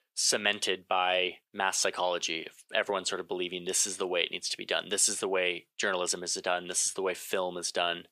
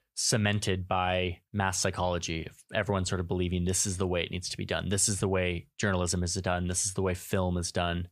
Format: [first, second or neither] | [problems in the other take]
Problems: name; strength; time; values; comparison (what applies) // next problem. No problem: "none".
second | thin; very; fading below 350 Hz